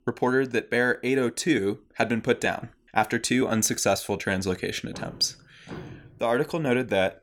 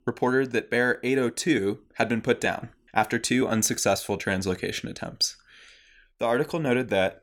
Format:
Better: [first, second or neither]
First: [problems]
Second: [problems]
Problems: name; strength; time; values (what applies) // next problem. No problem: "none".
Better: second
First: footsteps; faint; from 5 to 6 s; peak 15 dB below the speech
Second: none